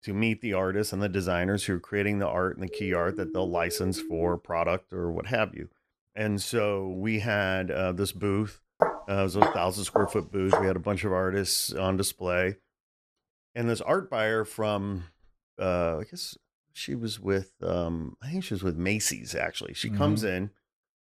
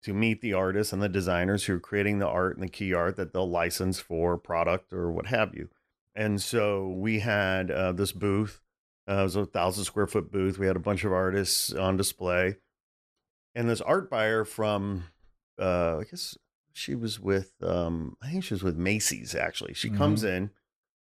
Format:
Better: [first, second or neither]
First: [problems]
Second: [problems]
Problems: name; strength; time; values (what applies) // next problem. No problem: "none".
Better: second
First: siren; noticeable; from 2.5 to 4.5 s; peak 8 dB below the speech // footsteps; loud; from 9 to 11 s; peak 3 dB above the speech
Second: none